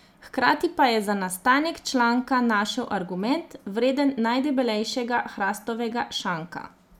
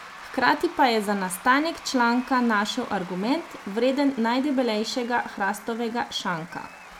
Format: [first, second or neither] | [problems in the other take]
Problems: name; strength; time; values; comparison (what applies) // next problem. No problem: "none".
first | background sound (Applause / Crowd / Cheering); 18 dB below the speech